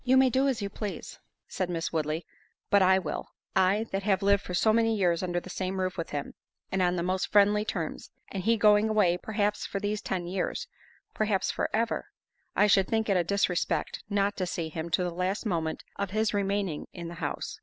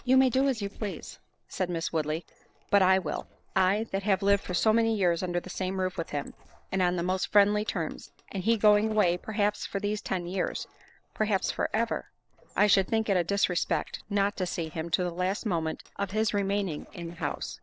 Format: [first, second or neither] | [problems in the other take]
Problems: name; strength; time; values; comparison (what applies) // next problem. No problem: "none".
first | noise reduction (neural separator model SepFormer DNS4)